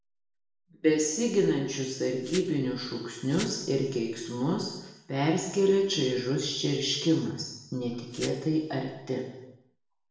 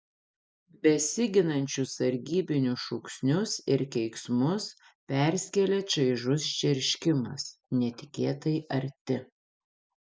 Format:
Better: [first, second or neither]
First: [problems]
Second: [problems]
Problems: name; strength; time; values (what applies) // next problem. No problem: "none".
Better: second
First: background sound (Glass); 16 dB below the speech // room echo; dies away in 0.9 s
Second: none